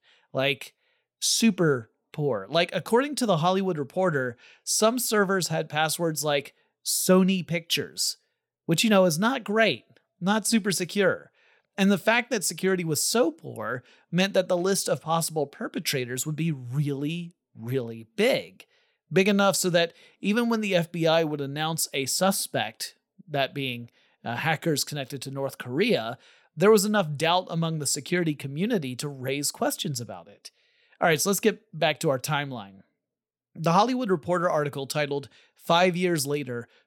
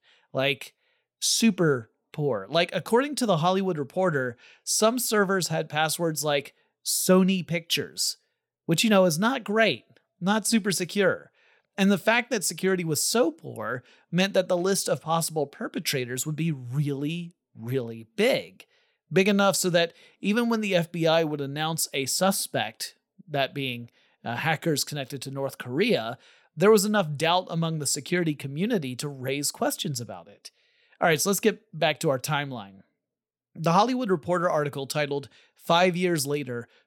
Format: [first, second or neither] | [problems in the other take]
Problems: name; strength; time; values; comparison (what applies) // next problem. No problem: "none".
neither | none